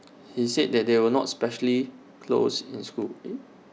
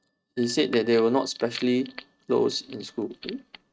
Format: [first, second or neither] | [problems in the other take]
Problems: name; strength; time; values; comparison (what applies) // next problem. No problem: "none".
first | noise reduction (neural mask model RNNoise)